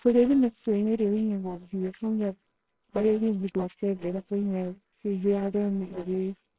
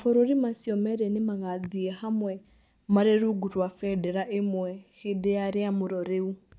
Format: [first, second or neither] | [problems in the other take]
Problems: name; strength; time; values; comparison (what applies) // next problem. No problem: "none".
second | noise reduction (neural separator model SepFormer WHAMR!)